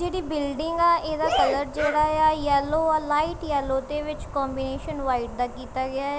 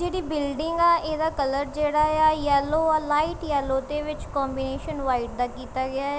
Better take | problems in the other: second | background sound (Cheering); 3 dB below the speech

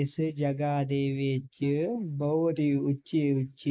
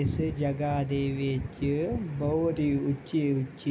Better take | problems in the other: second | noise reduction (neural mask model Resemble Enhance denoiser)

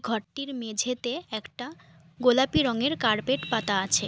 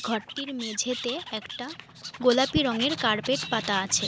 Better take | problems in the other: first | background sound (Animal); 11 dB below the speech

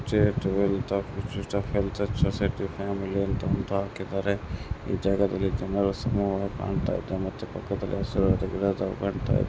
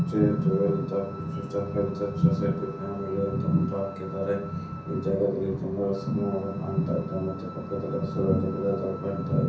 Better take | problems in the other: first | background sound (Wind instrument, woodwind instrument); 18 dB below the speech // room echo; dies away in 0.6 s

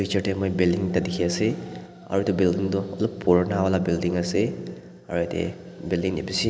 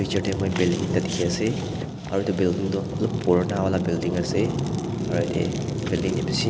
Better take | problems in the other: first | background sound (Fire); 3 dB below the speech

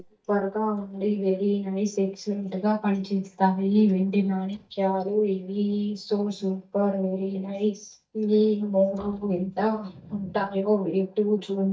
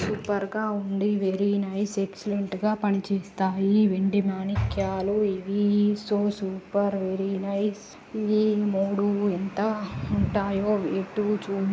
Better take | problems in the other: second | noise reduction (neural mask model DeepFilterNet 3)

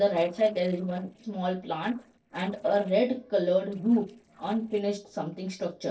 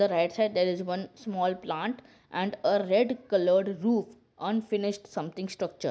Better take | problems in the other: second | noise reduction (neural separator model SepFormer DNS4)

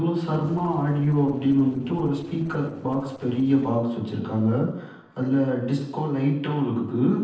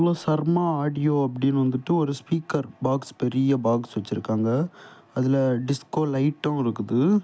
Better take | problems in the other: second | noise reduction (neural separator model SepFormer DNS4)

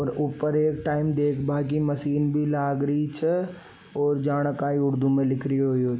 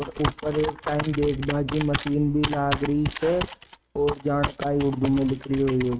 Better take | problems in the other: first | noise reduction (neural mask model RNNoise)

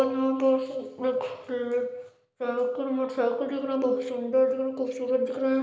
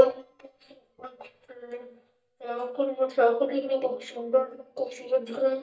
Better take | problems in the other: first | noise reduction (neural mask model DeepFilterNet 3)

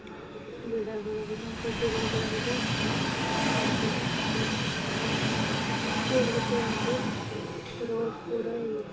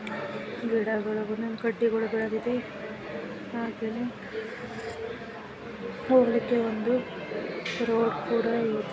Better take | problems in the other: second | background sound (Train); 3 dB above the speech // room echo; dies away in 0.2 s

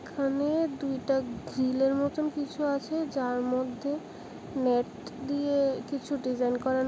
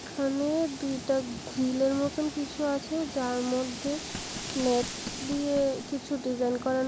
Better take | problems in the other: first | background sound (Knock + Wind); 12 dB below the speech

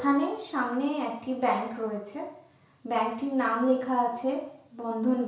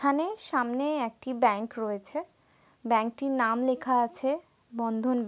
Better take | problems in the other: second | room echo; dies away in 0.5 s

